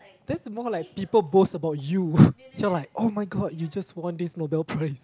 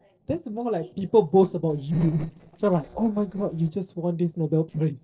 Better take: first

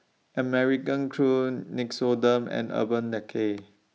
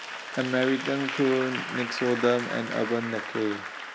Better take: first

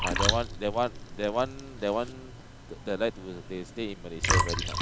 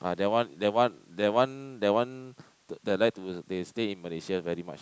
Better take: second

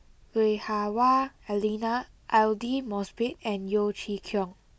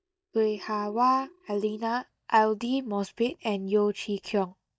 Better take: first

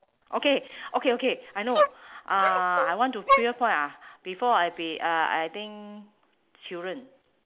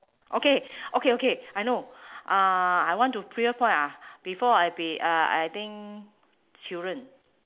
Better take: second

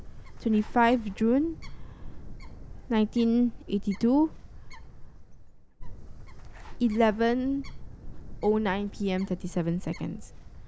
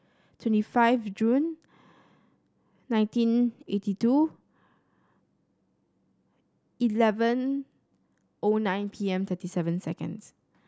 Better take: second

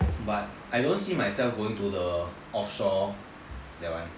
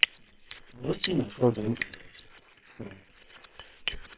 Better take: first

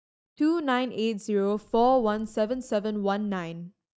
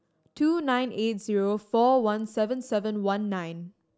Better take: second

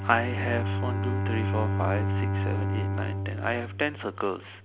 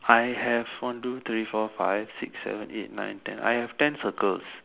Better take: second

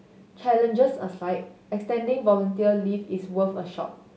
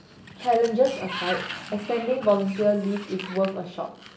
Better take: first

